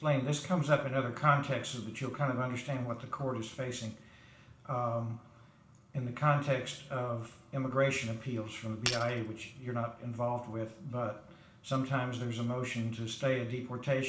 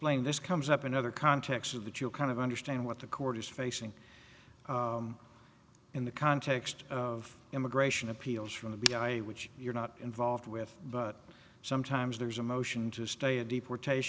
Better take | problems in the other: second | room echo; dies away in 0.4 s

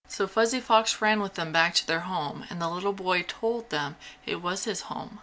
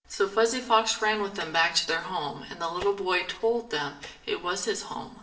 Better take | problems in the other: first | noise reduction (neural separator model SepFormer DNS4)

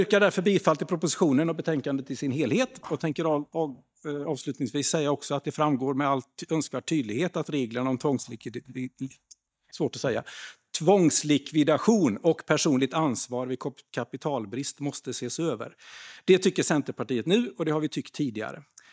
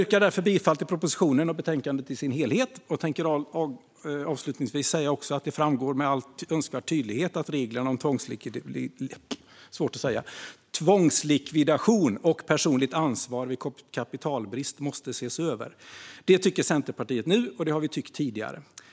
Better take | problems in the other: second | noise reduction (neural mask model DeepFilterNet 3)

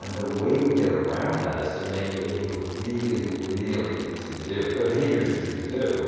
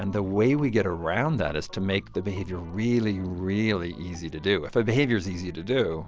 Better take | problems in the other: second | background sound (Crumpling, crinkling); 19 dB below the speech // room echo; dies away in 2.2 s

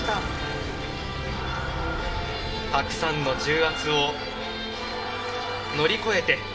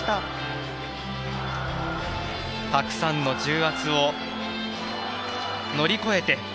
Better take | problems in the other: second | background sound (Boom); 10 dB below the speech // room echo; dies away in 0.5 s

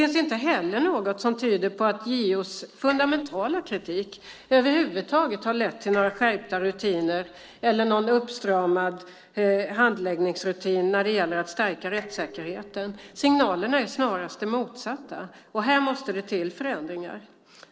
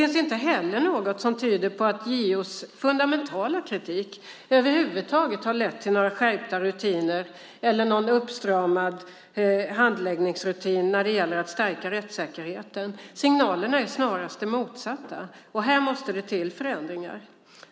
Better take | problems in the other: second | noise reduction (neural separator model SepFormer DNS4)

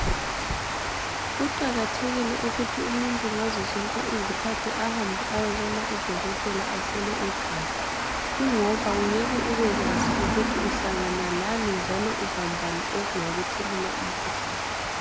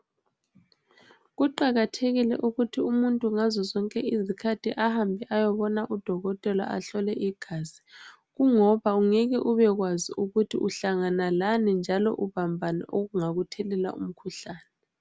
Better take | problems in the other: second | background sound (Water); 2 dB above the speech

